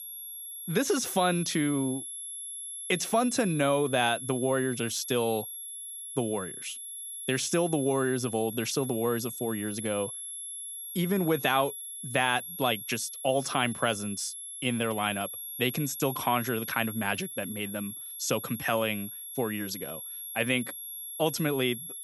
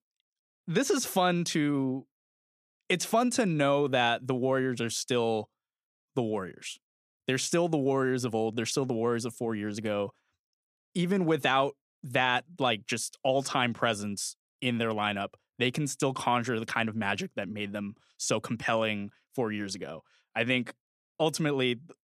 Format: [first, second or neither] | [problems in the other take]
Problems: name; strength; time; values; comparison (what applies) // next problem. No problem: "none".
second | high-pitched whine; loud; throughout; 11 kHz, 8 dB below the speech